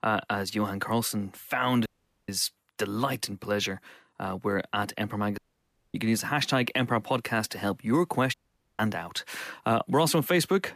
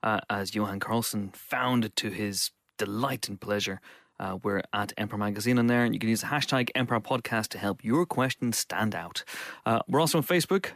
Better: second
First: audio cutting out; at 2 s, at 5.5 s for 0.5 s and at 8.5 s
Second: none

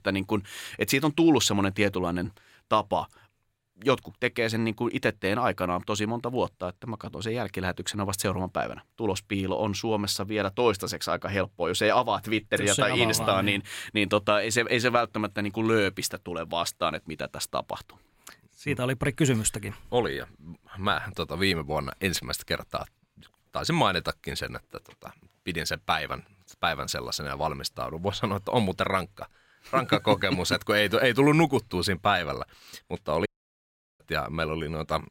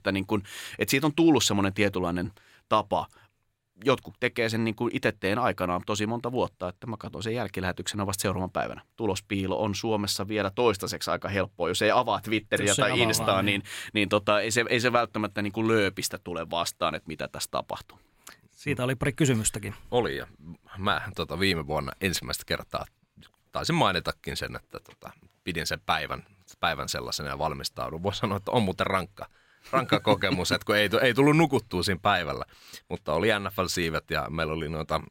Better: second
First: audio cutting out; at 33 s for 0.5 s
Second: none

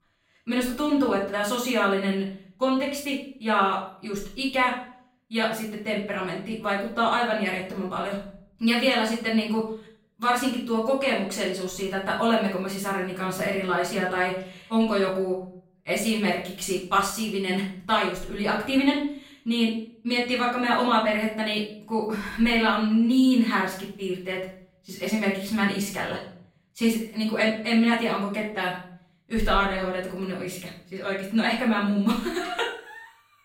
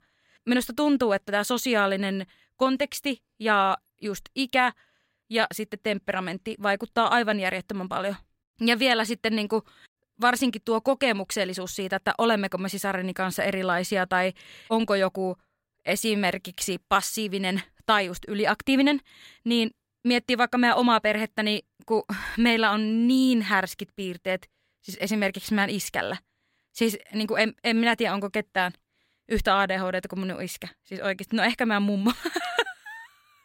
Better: second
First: room echo; noticeable; dies away in 0.5 s // off-mic speech; far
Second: none

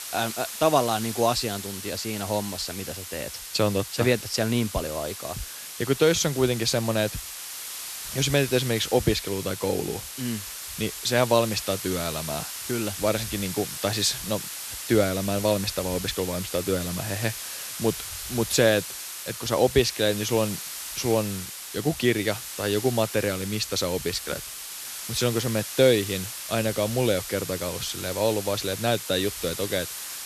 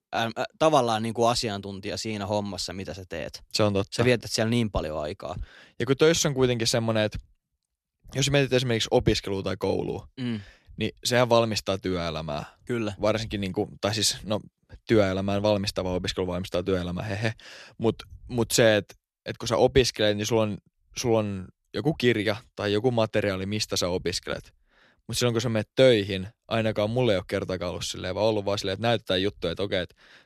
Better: second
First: hiss; loud; throughout; 7 dB below the speech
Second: none

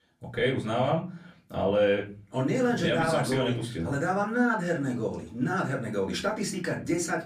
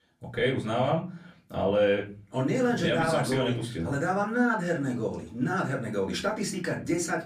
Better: neither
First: off-mic speech; far // room echo; very slight; dies away in 0.4 s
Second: off-mic speech; far // room echo; very slight; dies away in 0.4 s

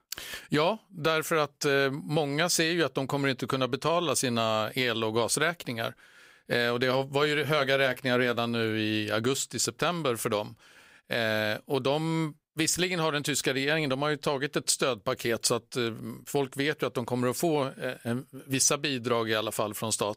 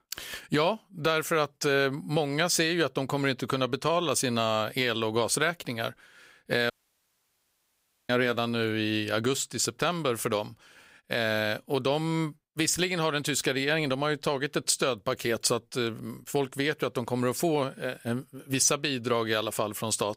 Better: first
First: none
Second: audio cutting out; at 6.5 s for 1.5 s

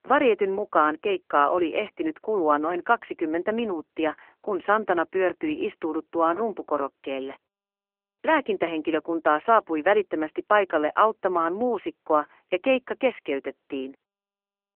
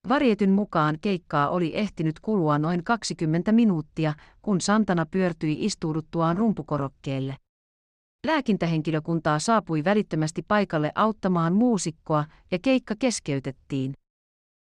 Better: second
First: phone-call audio; nothing above 3 kHz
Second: none

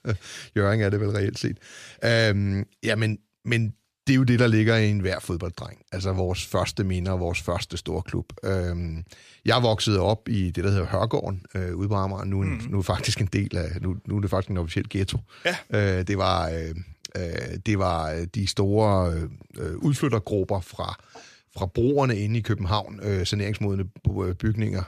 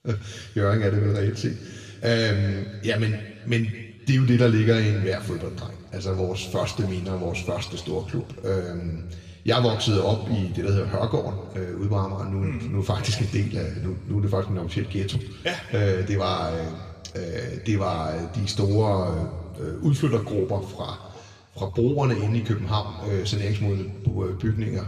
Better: first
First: none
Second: room echo; slight; dies away in 1.7 s // off-mic speech; somewhat distant

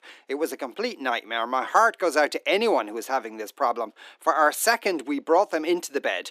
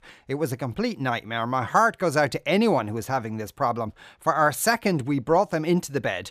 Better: second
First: thin; somewhat; fading below 300 Hz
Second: none

